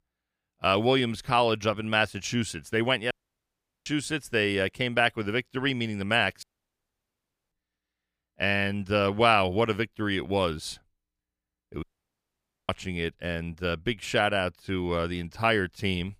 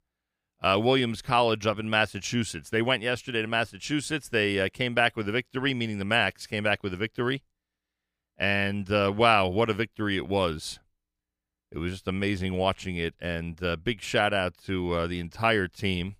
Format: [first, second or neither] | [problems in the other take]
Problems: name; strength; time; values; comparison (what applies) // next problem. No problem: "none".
second | audio cutting out; at 3 s for 1 s, at 6.5 s for 1 s and at 12 s for 1 s